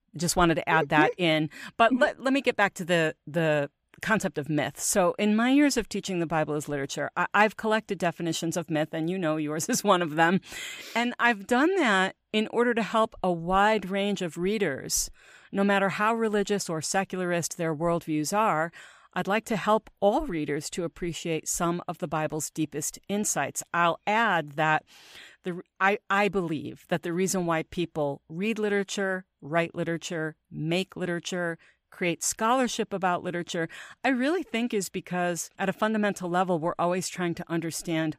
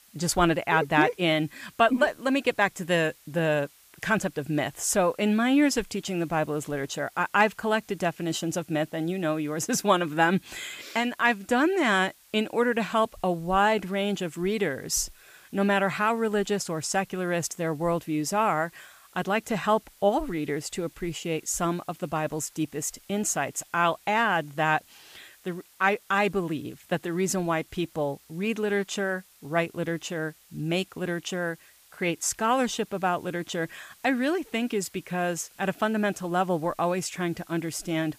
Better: first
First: none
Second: hiss; faint; throughout; 25 dB below the speech

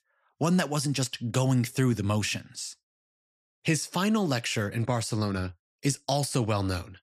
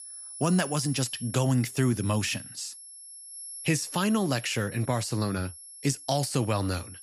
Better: first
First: none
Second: high-pitched whine; noticeable; throughout; 11 kHz, 10 dB below the speech

